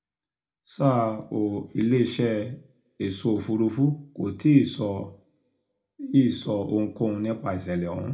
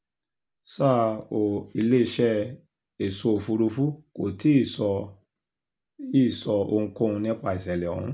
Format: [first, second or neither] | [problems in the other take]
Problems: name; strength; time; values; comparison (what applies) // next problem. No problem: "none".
second | room echo; dies away in 0.2 s